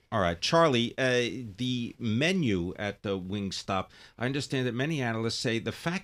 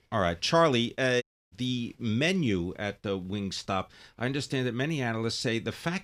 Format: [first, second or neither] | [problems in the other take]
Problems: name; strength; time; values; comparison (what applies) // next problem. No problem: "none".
first | audio cutting out; at 1 s